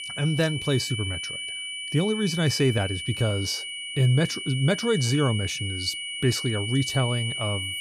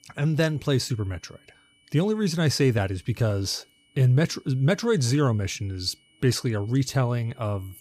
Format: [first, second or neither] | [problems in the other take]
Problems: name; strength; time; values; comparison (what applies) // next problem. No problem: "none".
second | high-pitched whine; loud; throughout; 3 kHz, 5 dB below the speech; faint in the second